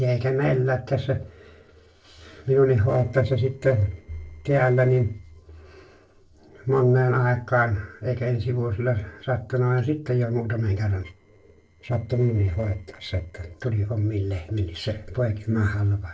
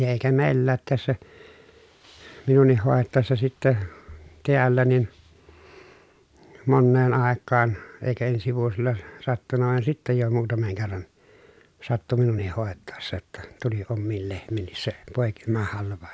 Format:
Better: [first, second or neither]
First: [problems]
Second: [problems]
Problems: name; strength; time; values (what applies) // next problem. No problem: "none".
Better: second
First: noise reduction (neural separator model SepFormer DNS4)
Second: none